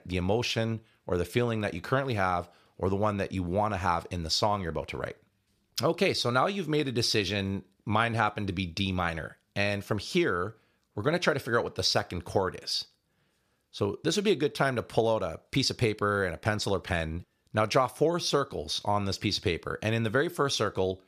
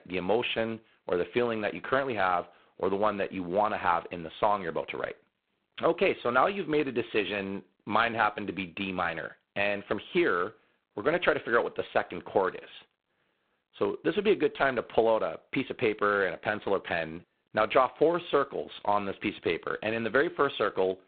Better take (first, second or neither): first